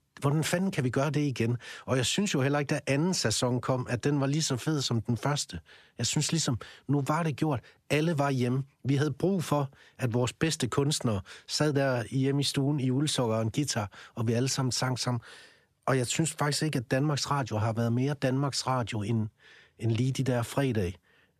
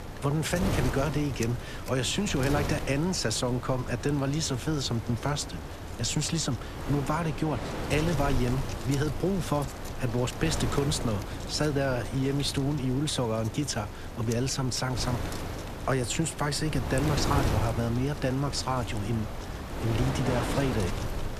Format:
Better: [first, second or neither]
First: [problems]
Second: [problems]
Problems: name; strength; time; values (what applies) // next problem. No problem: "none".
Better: first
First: none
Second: wind noise on the microphone; heavy; 6 dB below the speech